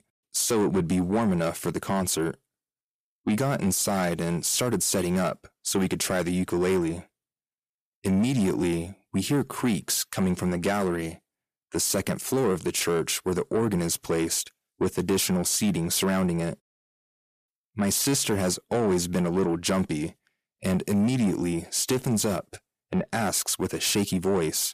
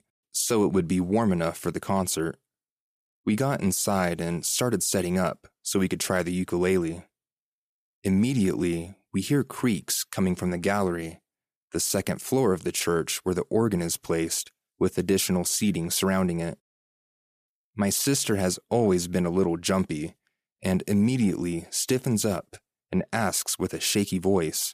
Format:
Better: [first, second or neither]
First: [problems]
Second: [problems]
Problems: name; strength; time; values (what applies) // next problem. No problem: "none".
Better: second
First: distortion; slight; 10 dB below the speech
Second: none